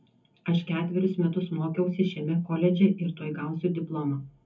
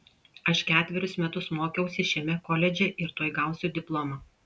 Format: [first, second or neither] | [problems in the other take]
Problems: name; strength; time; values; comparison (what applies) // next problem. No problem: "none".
second | room echo; dies away in 0.3 s